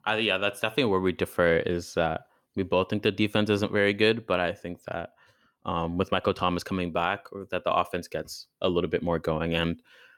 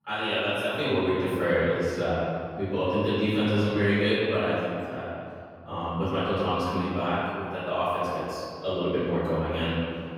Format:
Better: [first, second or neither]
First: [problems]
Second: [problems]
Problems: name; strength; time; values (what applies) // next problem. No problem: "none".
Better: first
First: none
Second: off-mic speech; far // room echo; strong; dies away in 2.1 s